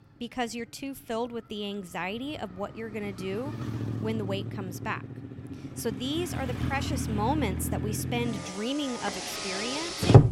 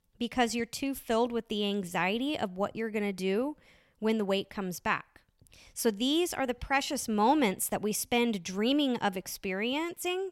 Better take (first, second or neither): second